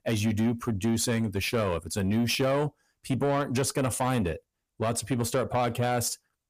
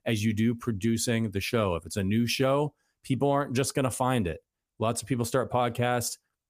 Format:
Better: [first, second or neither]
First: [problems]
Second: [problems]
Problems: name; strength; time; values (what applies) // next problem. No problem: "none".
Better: second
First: distortion; slight; 10 dB below the speech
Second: none